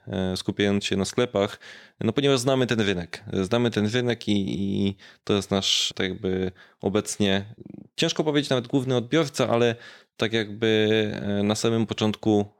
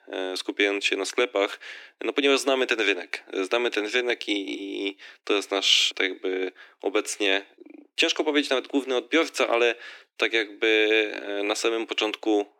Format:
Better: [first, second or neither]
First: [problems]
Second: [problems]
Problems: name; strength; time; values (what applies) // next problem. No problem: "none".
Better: first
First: none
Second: thin; somewhat; fading below 300 Hz